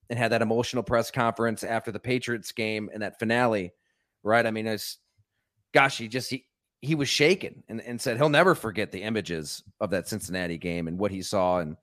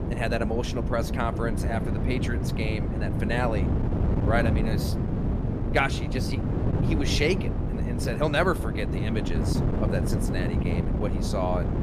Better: first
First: none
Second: wind noise on the microphone; heavy; 5 dB below the speech

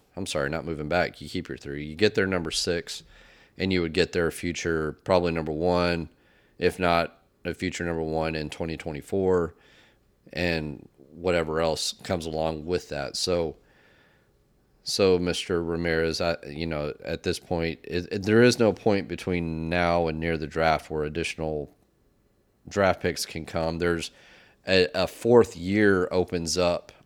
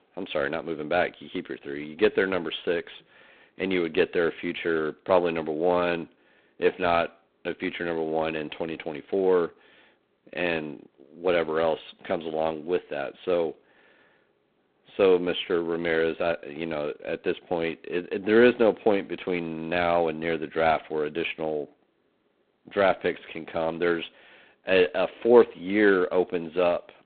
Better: first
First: none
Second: phone-call audio; poor line; nothing above 4 kHz

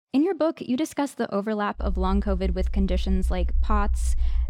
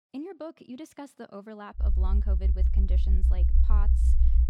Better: first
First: low rumble; faint; from 2 s on; 20 dB below the speech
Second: low rumble; loud; from 2 s on; 3 dB below the speech

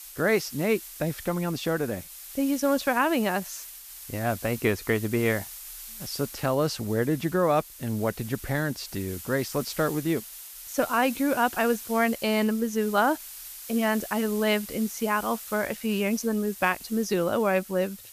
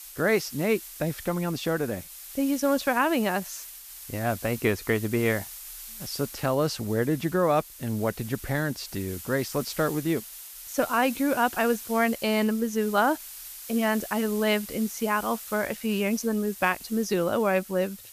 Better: neither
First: hiss; noticeable; throughout; 15 dB below the speech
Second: hiss; noticeable; throughout; 15 dB below the speech

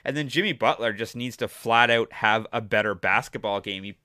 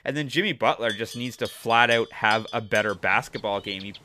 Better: first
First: none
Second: animal sounds; noticeable; throughout; 15 dB below the speech

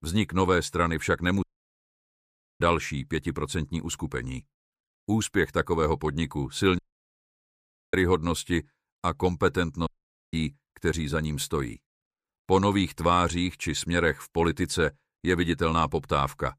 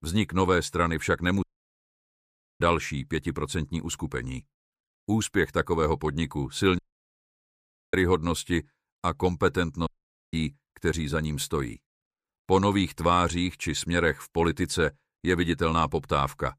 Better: neither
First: audio cutting out; at 1.5 s for 1 s, at 7 s for 1 s and at 10 s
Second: audio cutting out; at 1.5 s for 1 s, at 7 s for 1 s and at 10 s

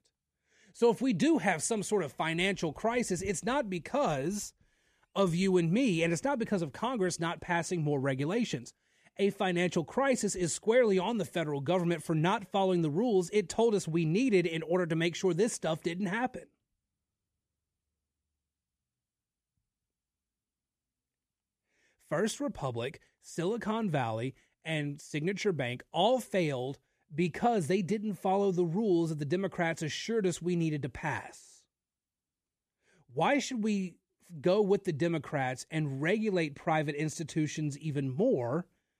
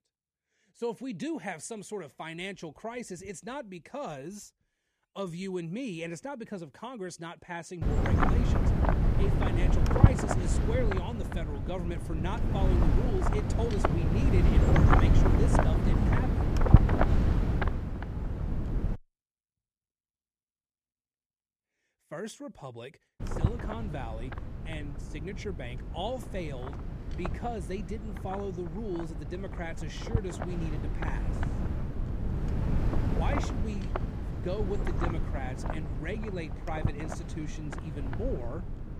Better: first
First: none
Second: wind noise on the microphone; heavy; from 8 to 19 s and from 23 s on; 3 dB above the speech

